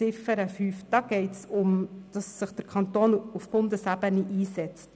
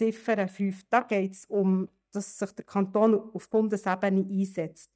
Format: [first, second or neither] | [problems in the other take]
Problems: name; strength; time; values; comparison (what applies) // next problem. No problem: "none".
first | noise reduction (neural mask model DeepFilterNet 3)